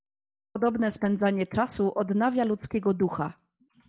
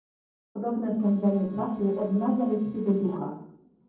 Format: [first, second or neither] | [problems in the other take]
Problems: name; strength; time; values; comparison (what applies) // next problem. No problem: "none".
first | noise reduction (neural separator model SepFormer DNS4)